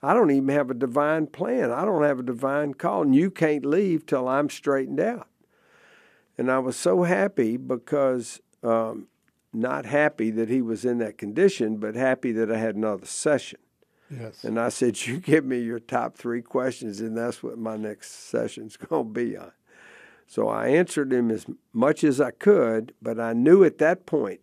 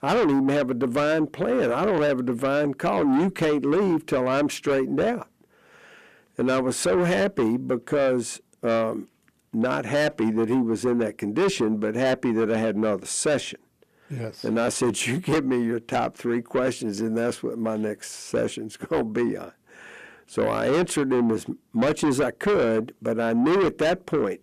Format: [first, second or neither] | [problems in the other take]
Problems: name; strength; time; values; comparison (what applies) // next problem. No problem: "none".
first | distortion; heavy; 6 dB below the speech